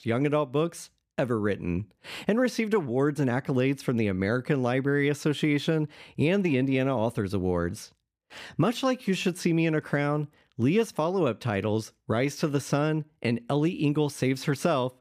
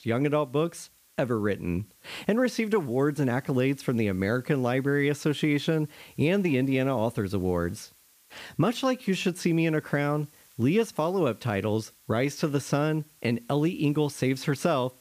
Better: first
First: none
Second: hiss; faint; throughout; 30 dB below the speech

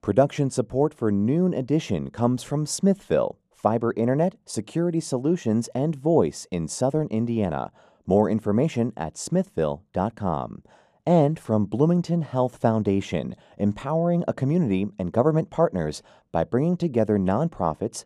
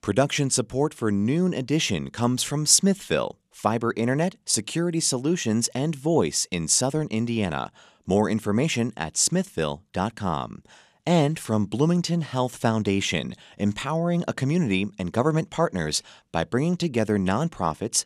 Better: second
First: muffled; very; fading above 1.5 kHz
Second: none

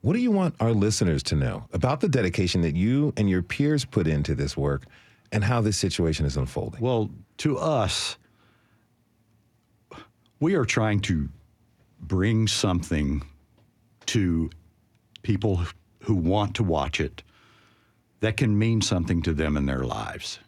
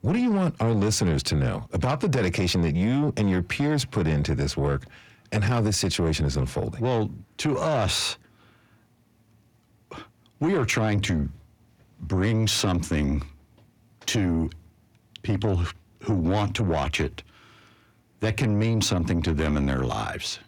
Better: first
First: none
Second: distortion; slight; 10 dB below the speech

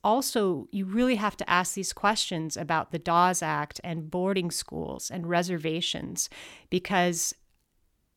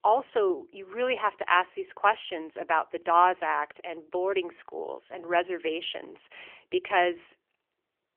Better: first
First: none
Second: phone-call audio; nothing above 3 kHz

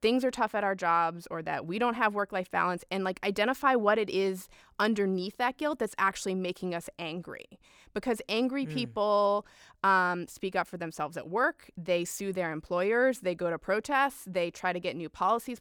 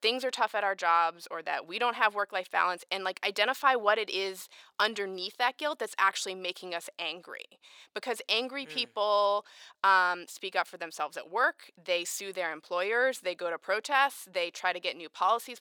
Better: first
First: none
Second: thin; somewhat; fading below 550 Hz

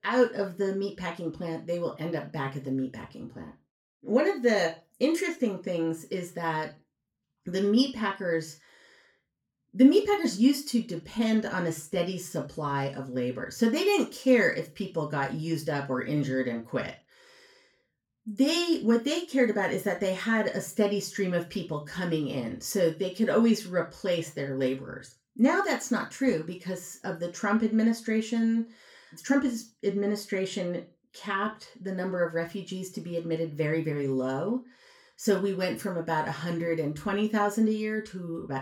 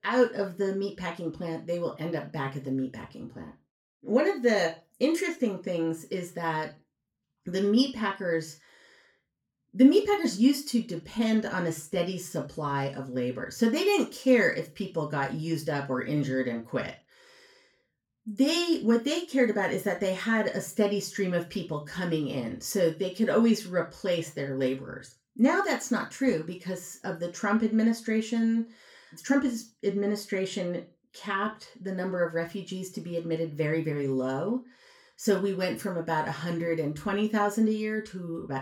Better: neither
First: room echo; very slight; dies away in 0.3 s // off-mic speech; far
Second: room echo; very slight; dies away in 0.3 s // off-mic speech; far

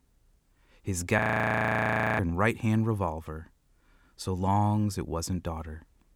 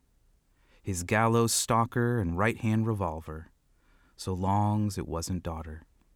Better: second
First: audio freezing; at 1 s for 1 s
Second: none

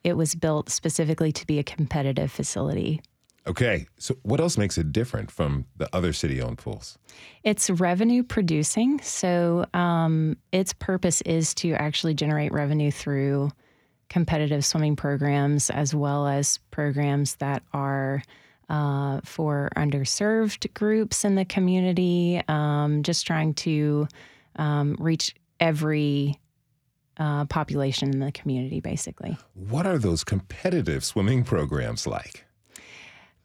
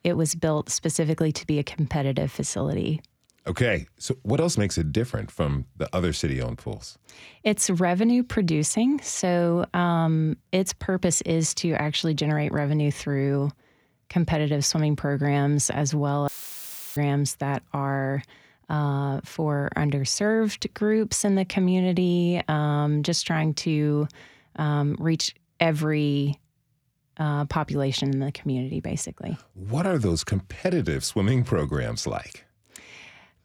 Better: first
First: none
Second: audio cutting out; filled with static; at 16 s for 0.5 s

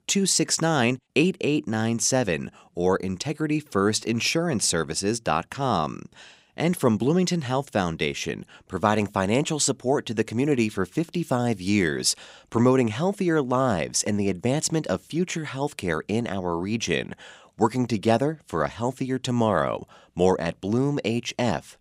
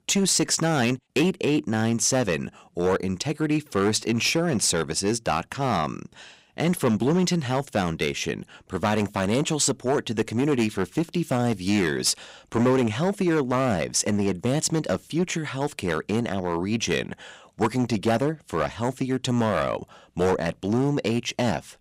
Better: first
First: none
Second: distortion; slight; 6% of the sound clipped

